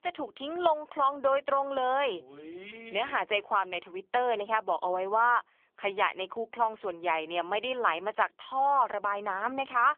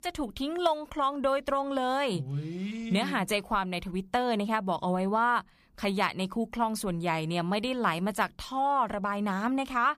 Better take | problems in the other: second | phone-call audio; poor line; nothing above 3.5 kHz

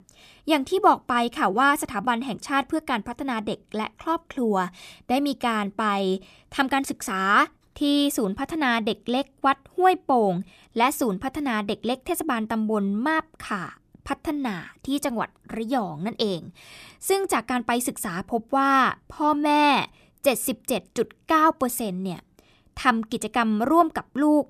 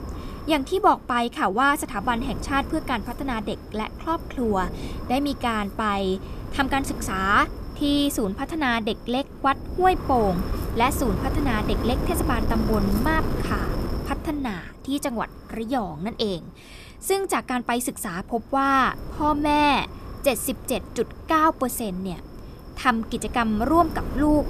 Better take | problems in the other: first | wind noise on the microphone; occasional gusts; 15 dB below the speech

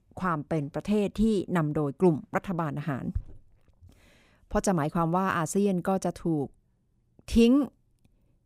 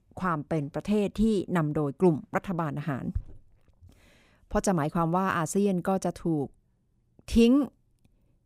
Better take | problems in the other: neither | none

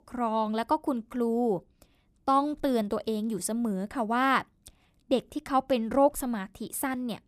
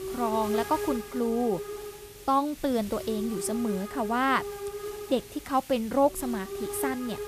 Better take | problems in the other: first | hiss; loud; throughout; 8 dB below the speech

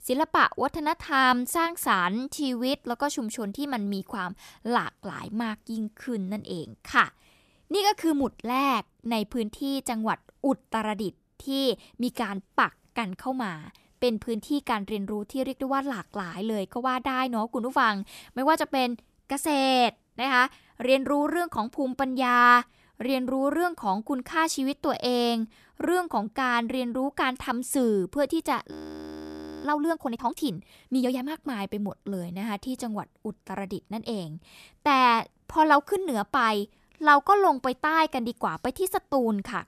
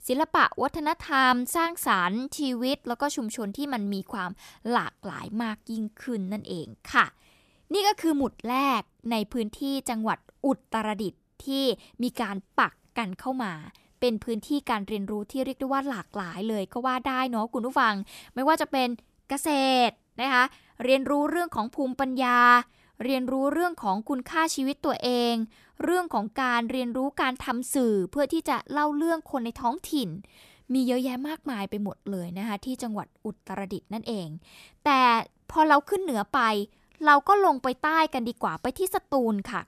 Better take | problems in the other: second | audio freezing; at 29 s for 1 s

